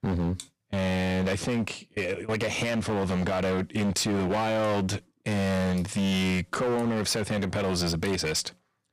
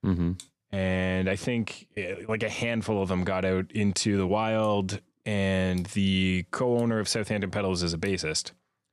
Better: second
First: distortion; heavy; 23% of the sound clipped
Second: none

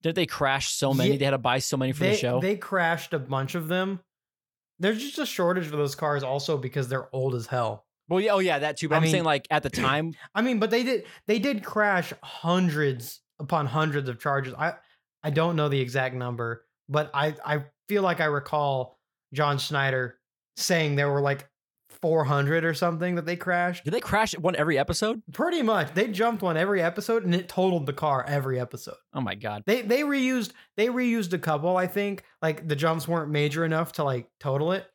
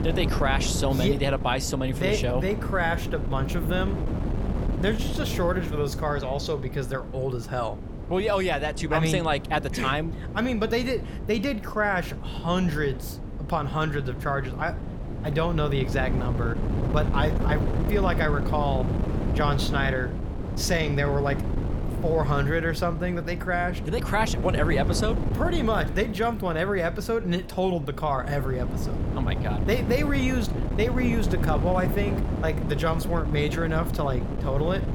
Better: first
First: none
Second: wind noise on the microphone; heavy; 10 dB below the speech

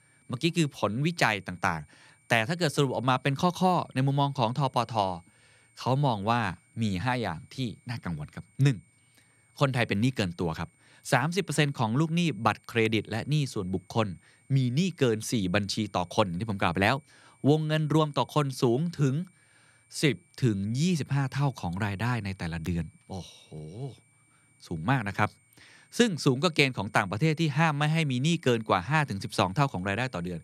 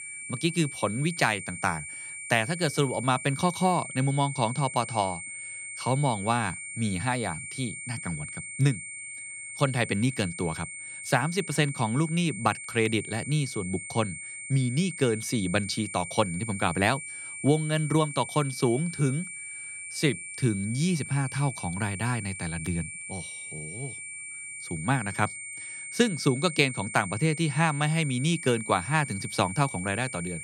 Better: first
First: high-pitched whine; faint; throughout; 2 kHz, 35 dB below the speech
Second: high-pitched whine; loud; throughout; 2 kHz, 9 dB below the speech

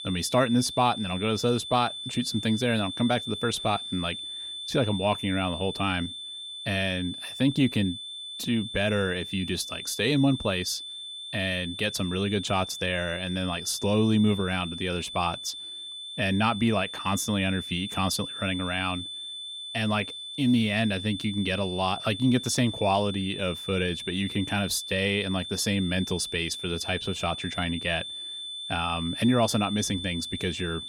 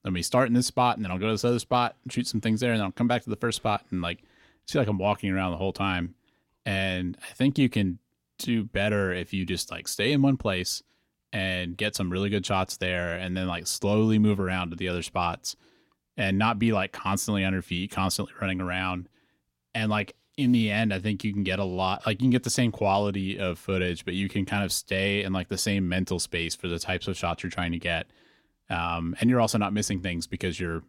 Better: second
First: high-pitched whine; loud; throughout; 3.5 kHz, 8 dB below the speech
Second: none

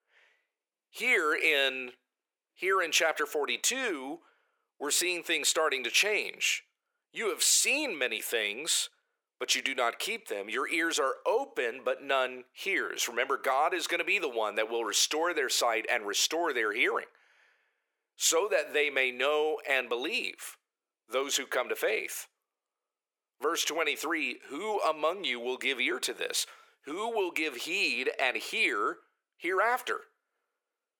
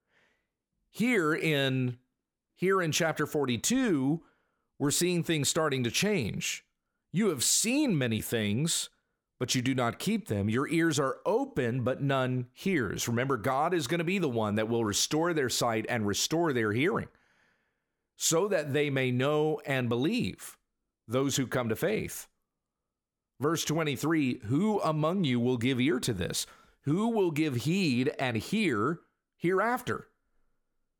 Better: second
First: thin; very; fading below 400 Hz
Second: none

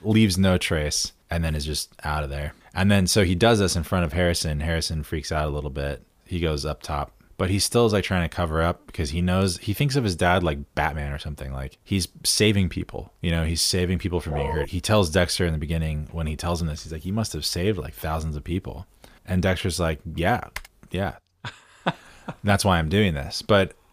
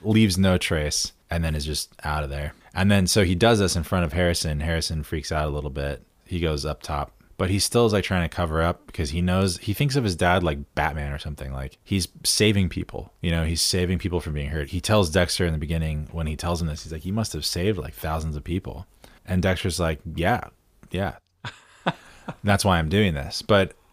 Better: second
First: dog barking; noticeable; at 14 s; peak 6 dB below the speech // keyboard typing; faint; at 21 s; peak 15 dB below the speech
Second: none

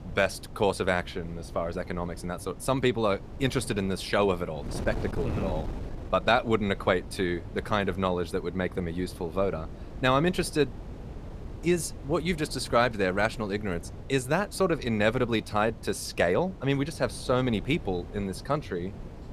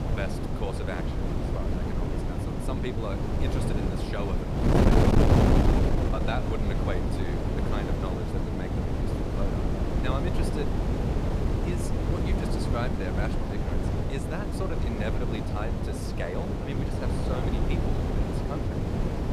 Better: first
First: wind noise on the microphone; occasional gusts; 20 dB below the speech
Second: wind noise on the microphone; heavy; 4 dB above the speech

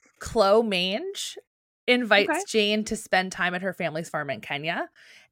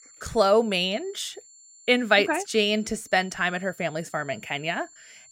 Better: first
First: none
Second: high-pitched whine; faint; throughout; 7.5 kHz, 25 dB below the speech

